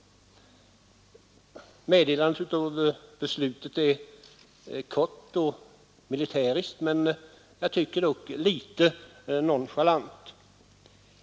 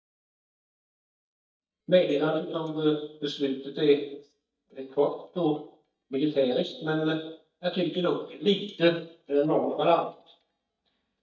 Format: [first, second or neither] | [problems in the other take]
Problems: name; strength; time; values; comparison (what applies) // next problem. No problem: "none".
first | noise reduction (neural mask model DeepFilterNet 3)